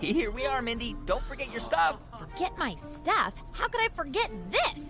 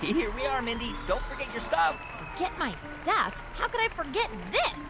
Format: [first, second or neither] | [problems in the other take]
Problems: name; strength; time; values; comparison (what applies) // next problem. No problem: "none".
first | background sound (Applause); 12 dB below the speech